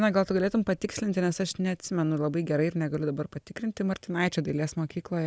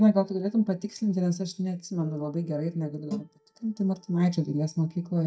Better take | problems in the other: first | noise reduction (neural mask model DeepFilterNet 3)

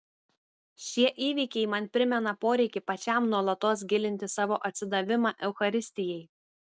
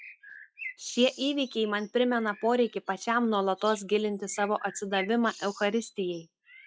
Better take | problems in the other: first | noise reduction (classical method log-MMSE)

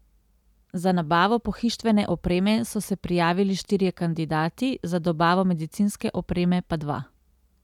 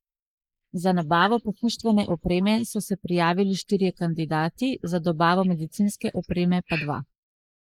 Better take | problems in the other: first | noise reduction (neural mask model Resemble Enhance denoiser)

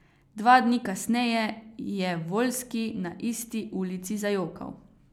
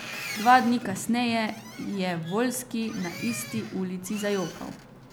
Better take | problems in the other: first | background sound (Boat, Water vehicle); 13 dB below the speech

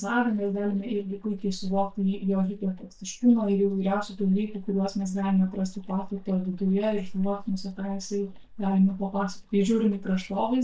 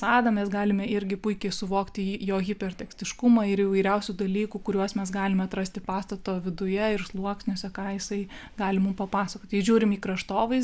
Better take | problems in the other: second | noise reduction (neural mask model DeepFilterNet 3)

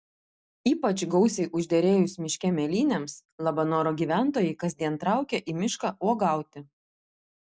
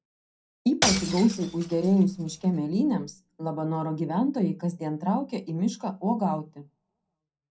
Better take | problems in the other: first | background sound (Shatter / Crushing); 6 dB below the speech // room echo; dies away in 0.2 s

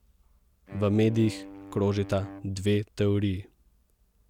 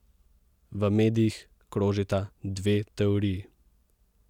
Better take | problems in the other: second | background sound (Wind instrument, woodwind instrument); 16 dB below the speech

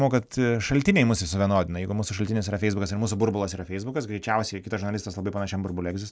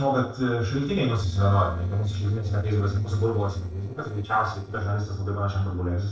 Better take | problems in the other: first | noise reduction (neural separator model SepFormer DNS4)

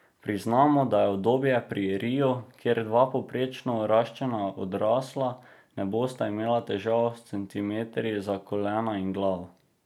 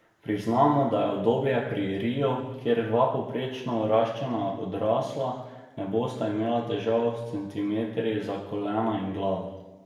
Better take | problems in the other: first | room echo; dies away in 1 s

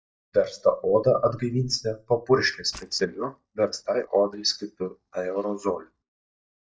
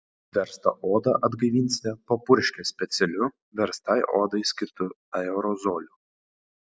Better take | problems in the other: second | noise reduction (neural mask model DeepFilterNet 3)

